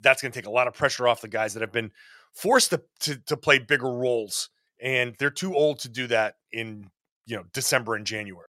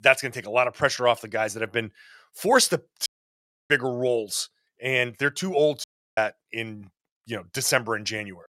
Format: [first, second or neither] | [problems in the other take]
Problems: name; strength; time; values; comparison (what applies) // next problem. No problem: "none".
first | audio cutting out; at 3 s for 0.5 s and at 6 s